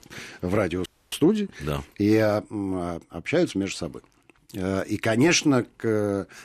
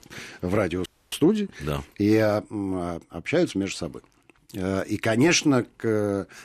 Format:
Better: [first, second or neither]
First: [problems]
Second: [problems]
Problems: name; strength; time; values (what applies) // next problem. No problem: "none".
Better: neither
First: audio freezing; at 1 s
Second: audio freezing; at 1 s